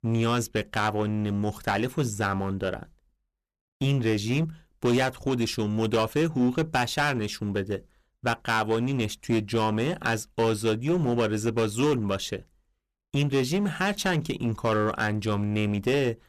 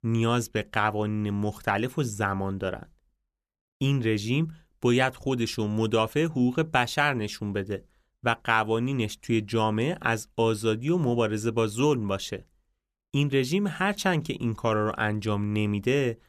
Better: second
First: distortion; slight; 9% of the sound clipped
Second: none

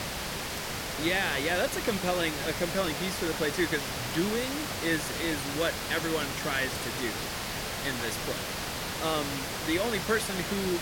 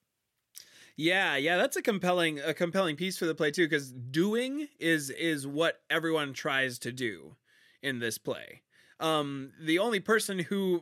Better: second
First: hiss; loud; throughout; 2 dB below the speech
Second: none

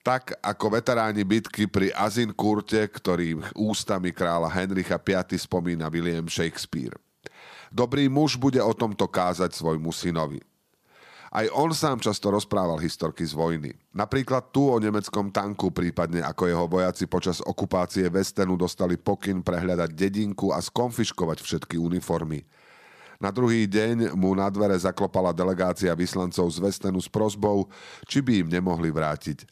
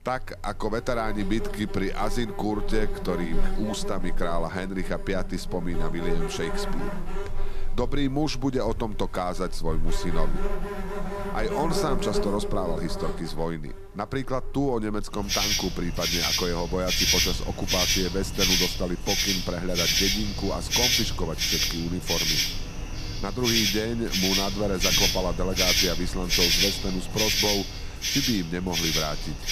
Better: first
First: none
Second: animal sounds; very loud; throughout; 4 dB above the speech

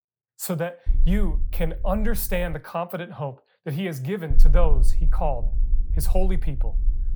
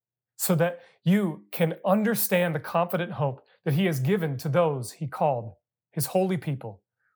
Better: second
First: low rumble; faint; from 1 to 2.5 s and from 4.5 s on; 20 dB below the speech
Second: none

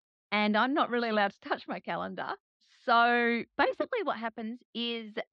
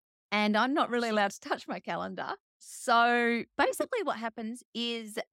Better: second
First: muffled; very slightly; fading above 4 kHz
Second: none

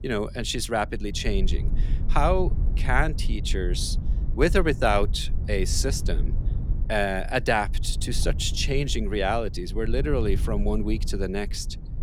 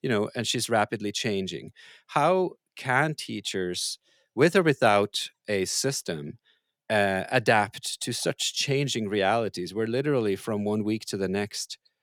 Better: second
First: low rumble; noticeable; throughout; 20 dB below the speech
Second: none

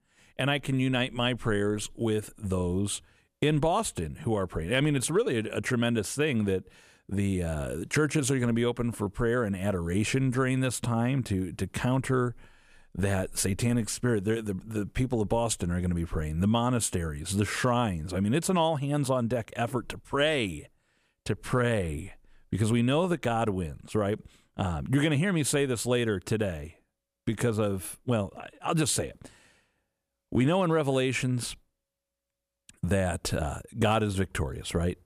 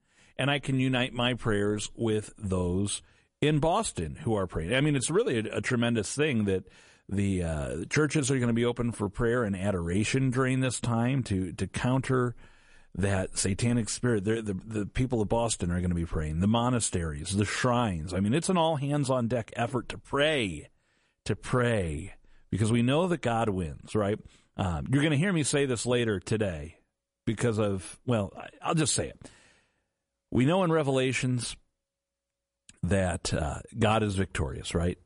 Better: first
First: none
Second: garbled, watery; slightly; nothing above 10.5 kHz

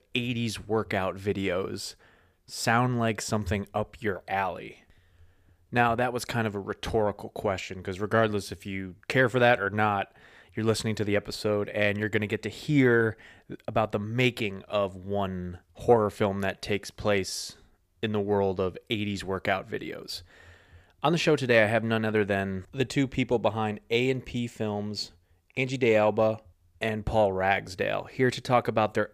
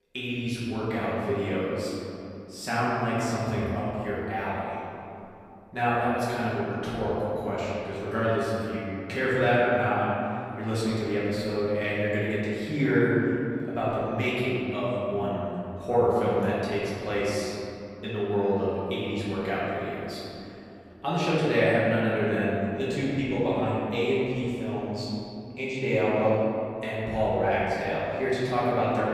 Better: first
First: none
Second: off-mic speech; far // room echo; strong; dies away in 2.8 s

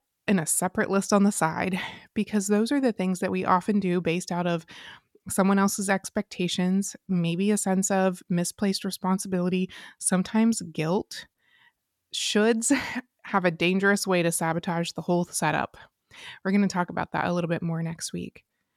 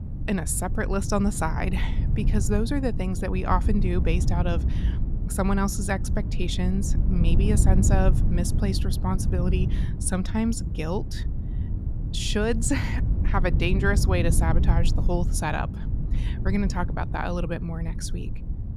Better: first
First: none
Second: low rumble; noticeable; throughout; 10 dB below the speech

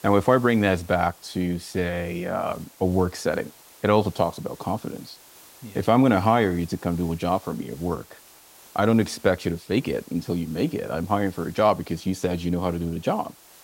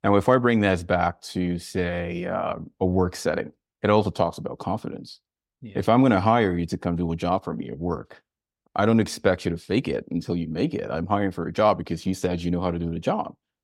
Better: second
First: hiss; faint; throughout; 25 dB below the speech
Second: none

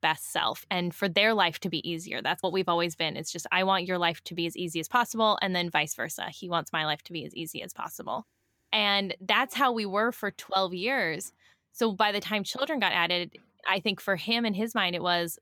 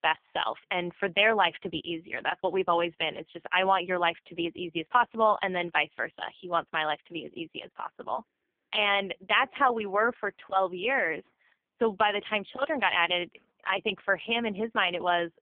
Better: first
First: none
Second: phone-call audio; poor line; nothing above 3.5 kHz

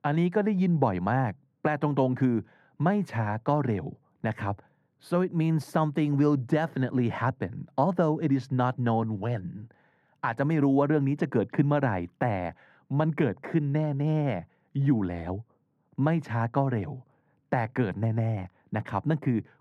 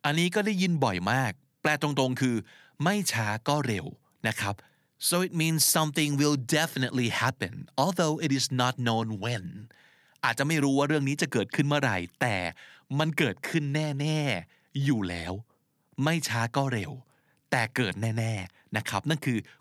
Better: second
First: muffled; very; fading above 2.5 kHz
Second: none

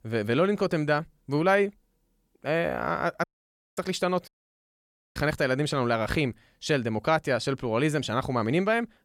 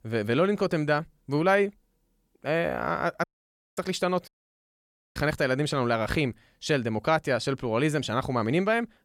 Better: neither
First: audio cutting out; at 3 s for 0.5 s and at 4.5 s for 1 s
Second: audio cutting out; at 3 s for 0.5 s and at 4.5 s for 1 s

